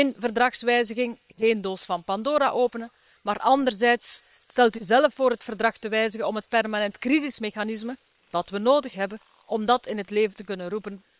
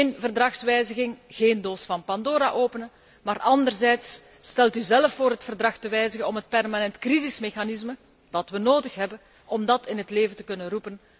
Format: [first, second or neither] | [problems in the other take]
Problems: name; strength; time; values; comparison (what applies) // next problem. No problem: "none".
second | noise reduction (neural separator model SepFormer WHAM!)